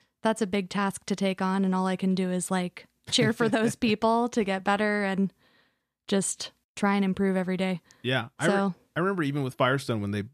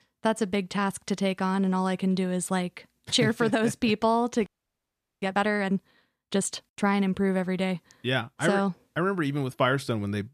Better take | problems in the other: first | audio freezing; at 4.5 s for 1 s

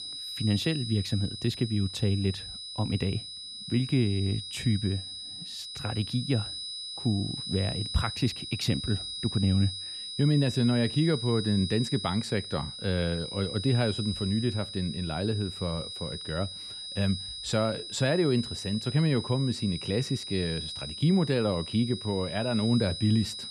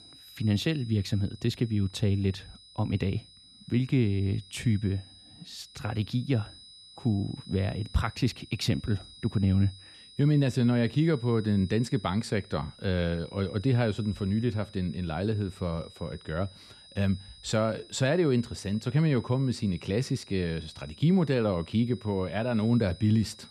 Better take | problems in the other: second | high-pitched whine; loud; throughout; 4 kHz, 7 dB below the speech; faint in the second

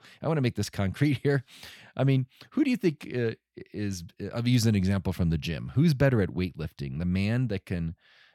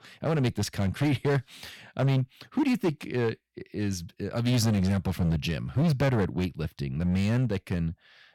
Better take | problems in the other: first | distortion; slight; 10% of the sound clipped

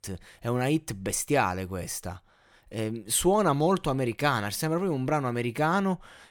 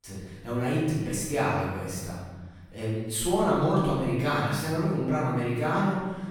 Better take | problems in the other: first | room echo; strong; dies away in 1.3 s // off-mic speech; far

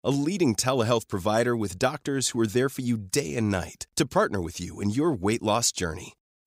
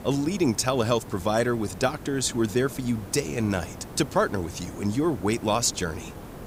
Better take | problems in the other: first | hiss; noticeable; throughout; 15 dB below the speech

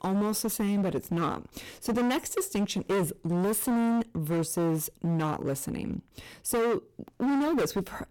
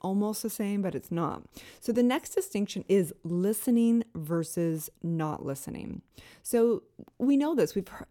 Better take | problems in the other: second | distortion; heavy; 22% of the sound clipped

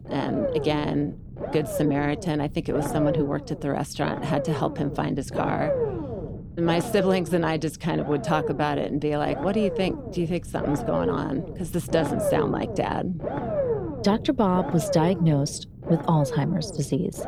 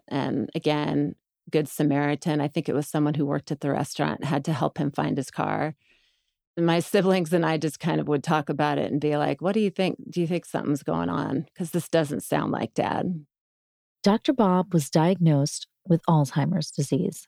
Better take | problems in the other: second | low rumble; loud; throughout; 4 dB below the speech

